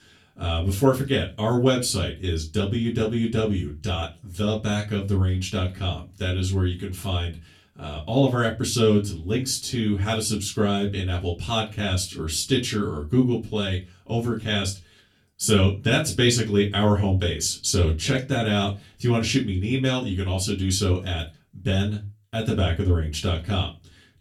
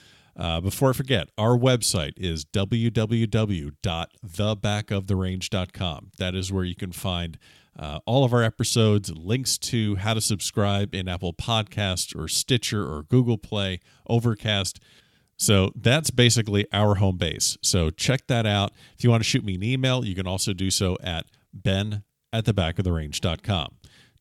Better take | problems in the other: second | off-mic speech; far // room echo; very slight; dies away in 0.2 s

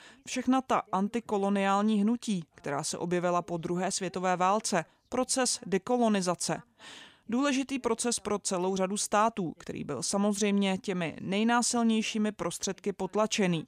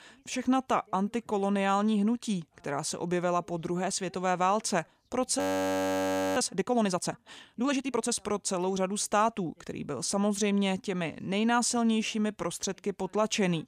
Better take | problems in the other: first | audio freezing; at 5.5 s for 1 s

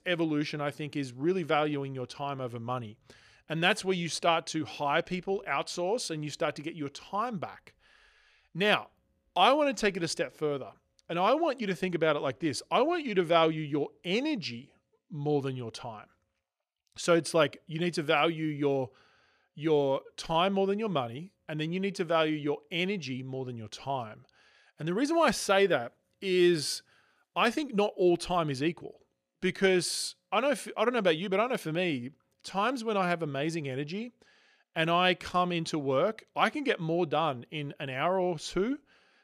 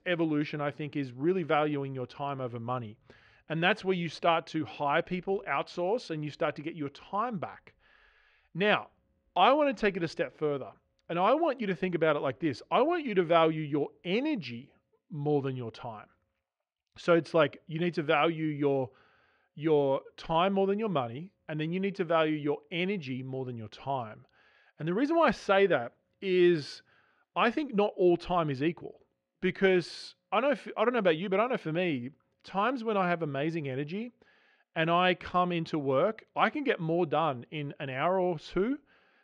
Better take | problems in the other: first | muffled; slightly; fading above 3 kHz

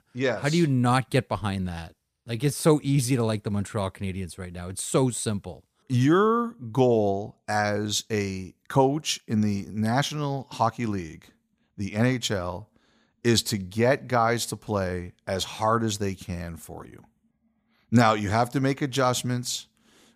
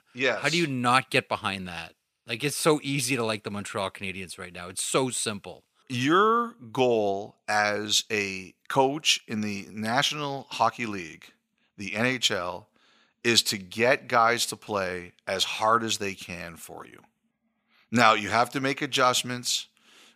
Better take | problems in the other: first | thin; somewhat; fading below 850 Hz

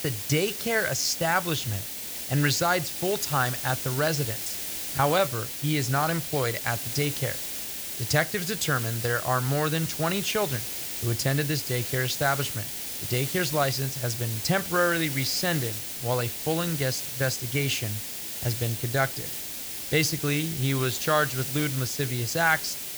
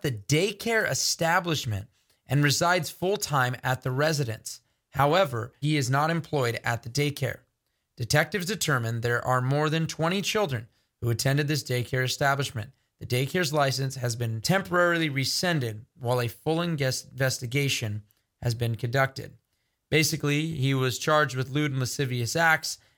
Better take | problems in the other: second | hiss; loud; throughout; 4 dB below the speech

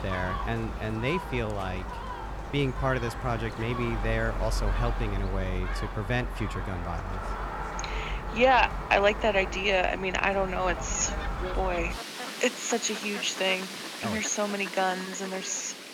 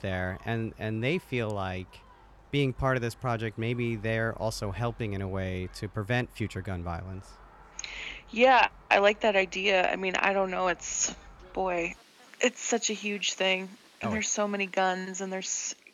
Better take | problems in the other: second | animal sounds; loud; throughout; 7 dB below the speech; faint in the second

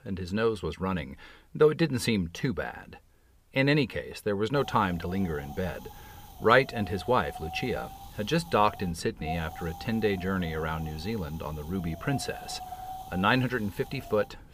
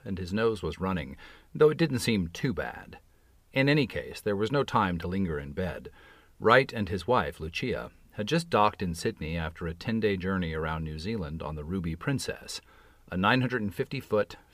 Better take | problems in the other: second | wind noise on the microphone; occasional gusts; from 4.5 s on; 15 dB below the speech

